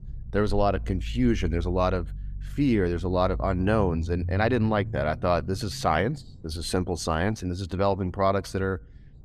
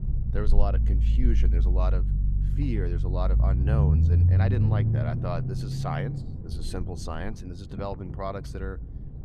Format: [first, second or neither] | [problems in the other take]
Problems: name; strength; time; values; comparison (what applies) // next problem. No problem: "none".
first | low rumble; loud; throughout; 4 dB below the speech; faint in the first